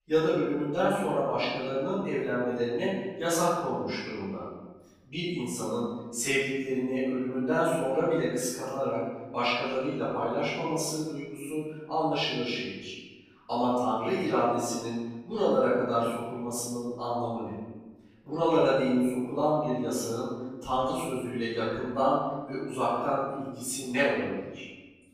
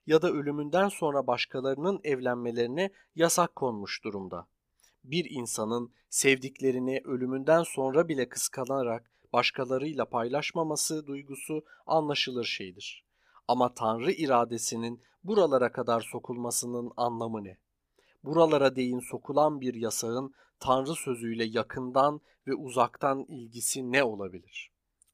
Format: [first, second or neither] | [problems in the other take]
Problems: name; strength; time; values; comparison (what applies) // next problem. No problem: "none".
second | room echo; strong; dies away in 1.2 s // off-mic speech; far